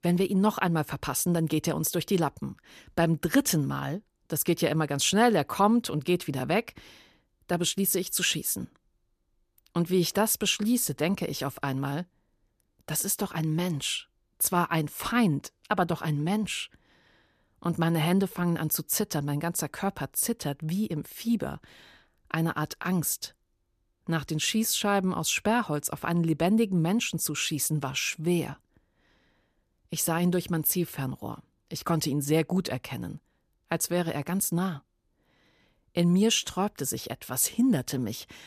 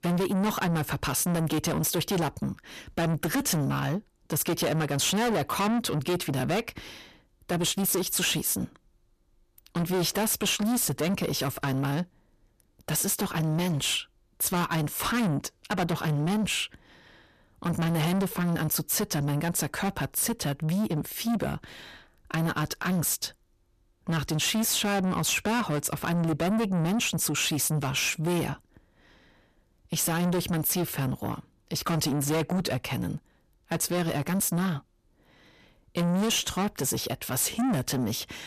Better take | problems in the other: first | distortion; heavy; 6 dB below the speech

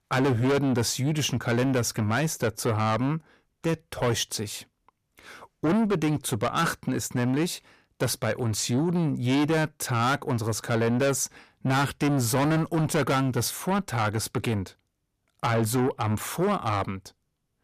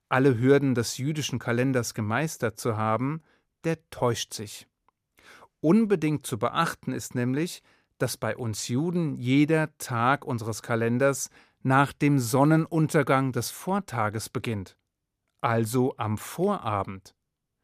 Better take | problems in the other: second | distortion; heavy; 6 dB below the speech

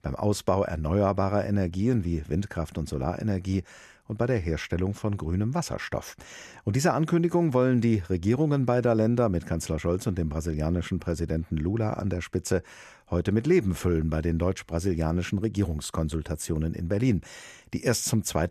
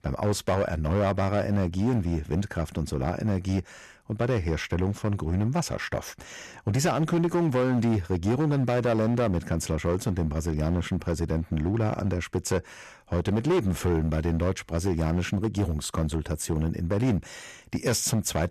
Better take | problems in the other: first | distortion; slight; 10% of the sound clipped

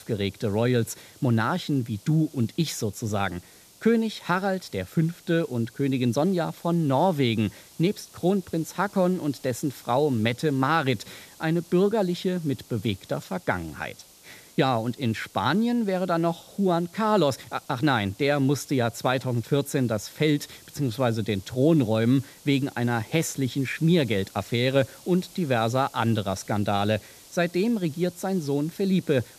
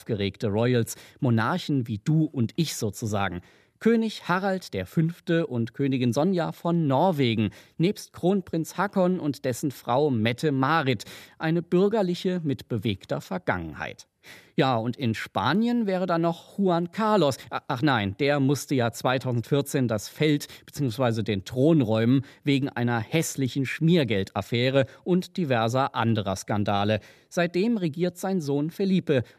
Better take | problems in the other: second | hiss; faint; throughout; 25 dB below the speech

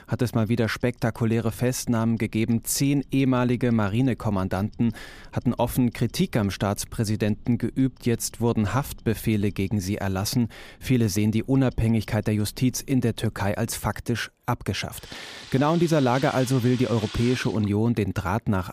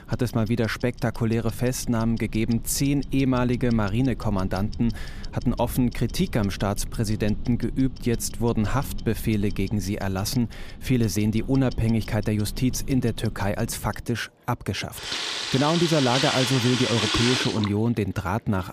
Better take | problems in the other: first | household noises; loud; throughout; 7 dB below the speech; faint in the first

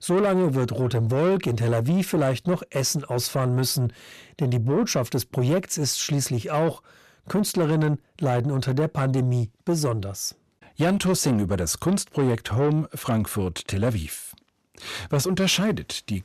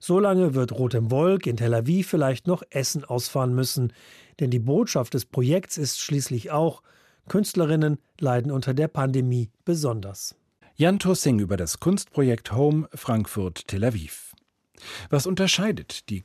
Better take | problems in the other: second | distortion; slight; 10 dB below the speech

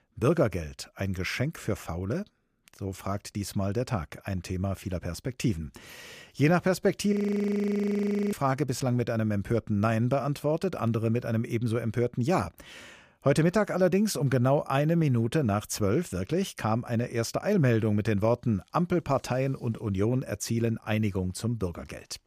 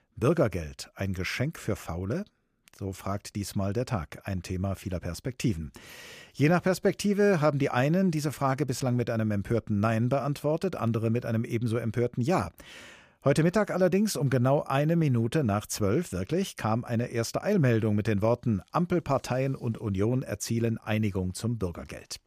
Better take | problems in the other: second | audio freezing; at 7 s for 1 s

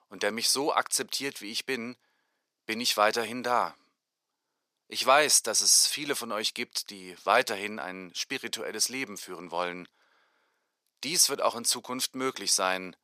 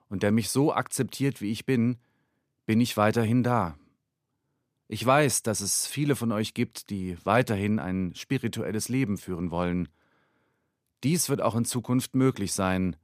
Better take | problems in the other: second | thin; very; fading below 600 Hz

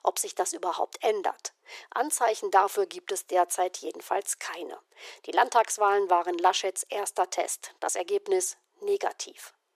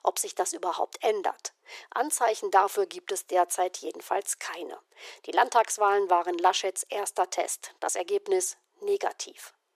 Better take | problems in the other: neither | thin; very; fading below 400 Hz; the same in both

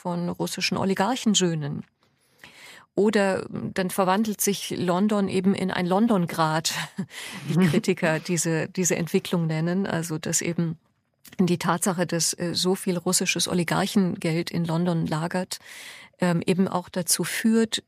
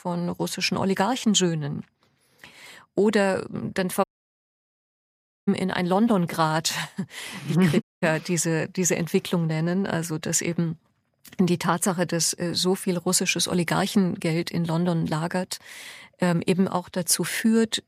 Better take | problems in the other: first | audio cutting out; at 4 s for 1.5 s and at 8 s

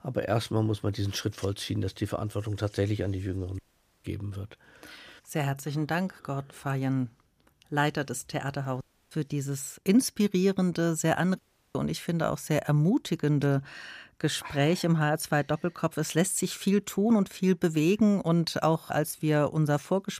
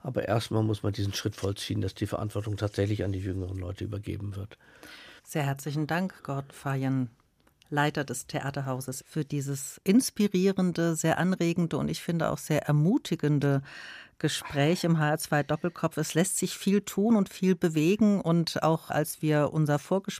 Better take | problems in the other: second | audio cutting out; at 3.5 s, at 9 s and at 11 s

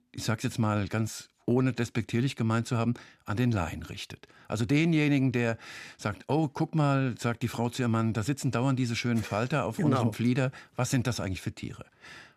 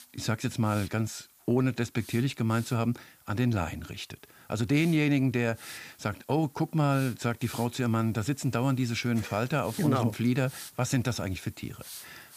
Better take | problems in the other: first | hiss; noticeable; throughout; 20 dB below the speech

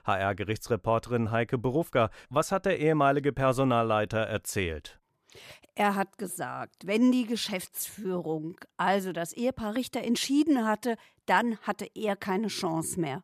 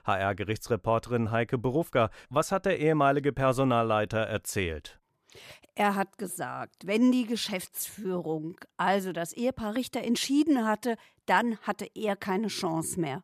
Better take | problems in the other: neither | none

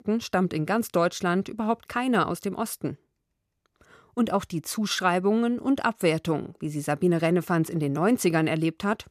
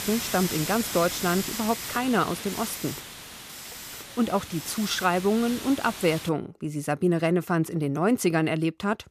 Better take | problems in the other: first | hiss; loud; until 6.5 s; 8 dB below the speech

